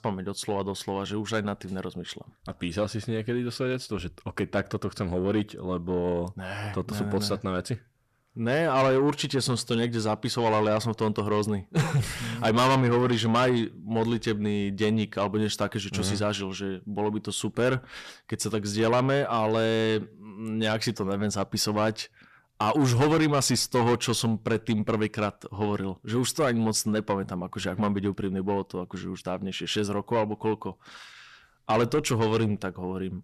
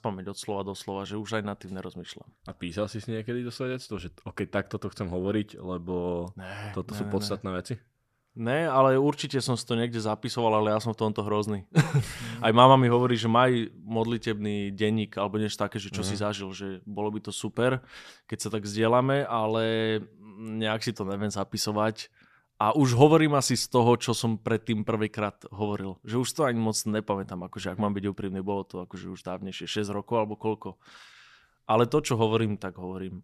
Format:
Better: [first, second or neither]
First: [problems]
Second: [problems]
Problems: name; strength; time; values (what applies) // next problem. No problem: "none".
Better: second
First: distortion; heavy; 7 dB below the speech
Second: none